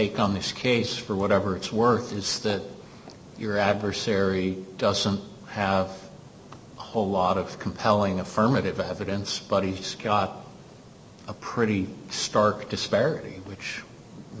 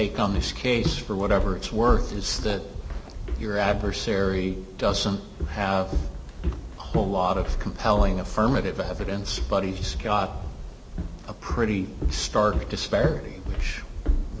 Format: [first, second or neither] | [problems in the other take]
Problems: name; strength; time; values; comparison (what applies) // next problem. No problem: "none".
first | background sound (Walk, footsteps); 3 dB below the speech